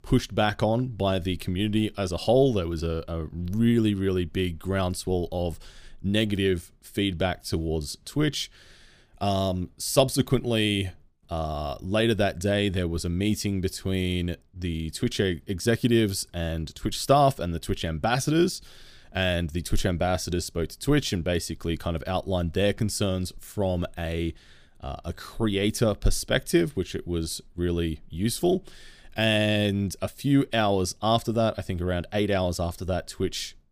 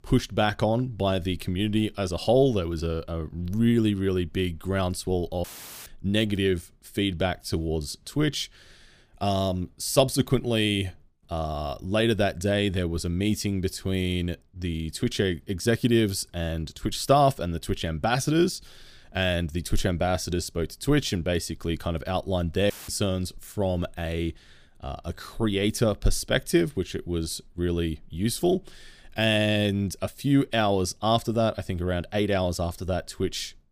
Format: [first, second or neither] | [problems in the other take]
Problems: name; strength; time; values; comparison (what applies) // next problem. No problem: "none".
first | audio cutting out; filled with static; at 5.5 s and at 23 s